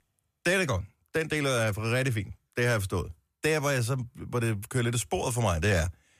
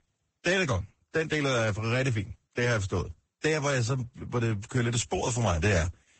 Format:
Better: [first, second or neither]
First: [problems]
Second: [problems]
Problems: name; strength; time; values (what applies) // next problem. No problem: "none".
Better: first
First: none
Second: garbled, watery; badly; nothing above 8 kHz